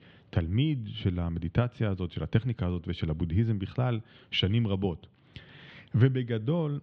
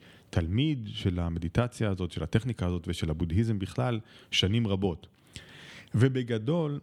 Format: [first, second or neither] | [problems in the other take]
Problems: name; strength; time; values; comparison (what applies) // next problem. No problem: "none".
second | muffled; slightly; fading above 4 kHz